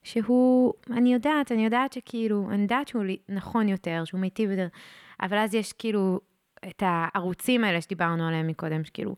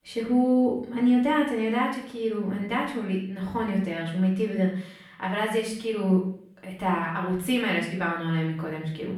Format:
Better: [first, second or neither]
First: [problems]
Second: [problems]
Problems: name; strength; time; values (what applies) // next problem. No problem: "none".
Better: first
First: none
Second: off-mic speech; far // room echo; noticeable; dies away in 0.5 s